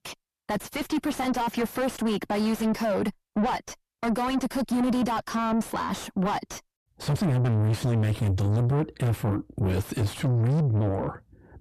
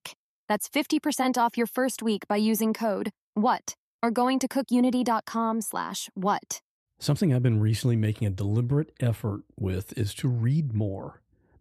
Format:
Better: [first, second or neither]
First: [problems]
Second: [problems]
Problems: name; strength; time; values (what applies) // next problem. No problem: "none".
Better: second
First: distortion; heavy; 5 dB below the speech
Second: none